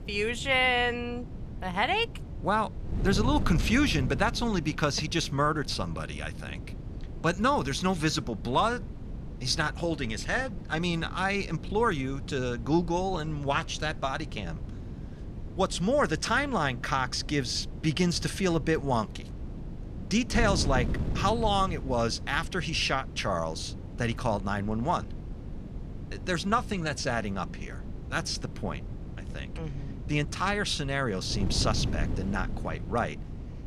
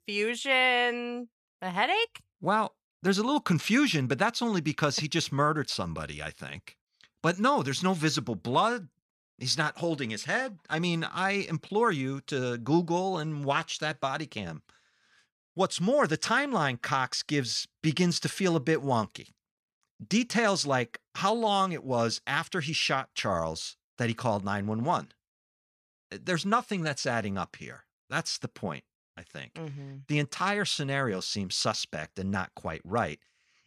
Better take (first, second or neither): second